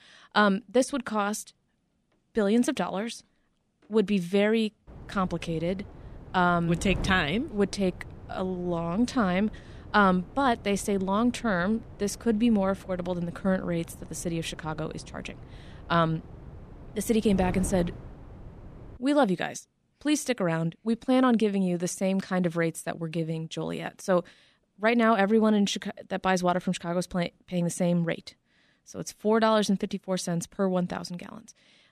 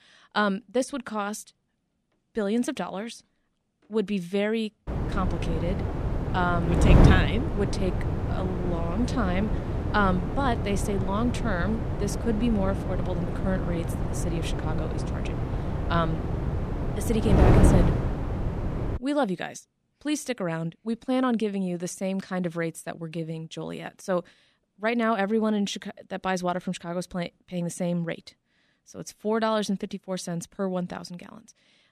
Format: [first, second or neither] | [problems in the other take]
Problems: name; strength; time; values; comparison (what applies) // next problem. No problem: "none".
first | wind noise on the microphone; heavy; from 5 to 19 s; 3 dB below the speech; occasional gusts in the first